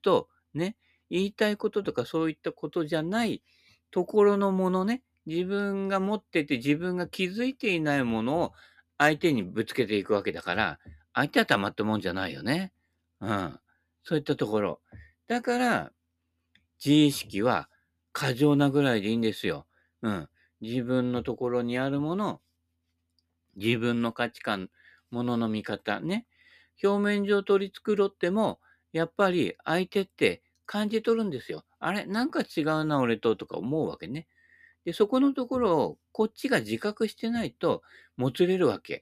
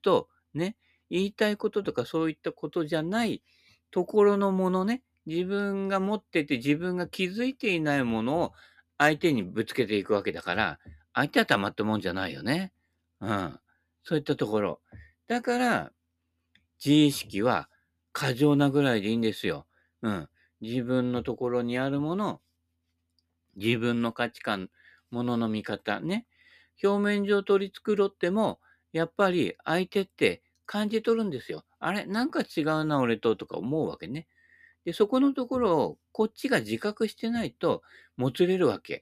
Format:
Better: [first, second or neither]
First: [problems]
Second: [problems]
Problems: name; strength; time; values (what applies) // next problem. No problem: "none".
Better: neither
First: none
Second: none